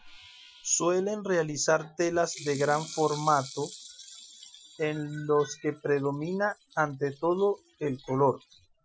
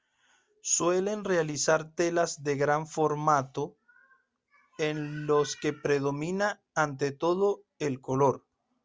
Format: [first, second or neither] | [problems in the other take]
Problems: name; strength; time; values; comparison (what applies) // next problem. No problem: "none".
second | noise reduction (classical method Wiener filter)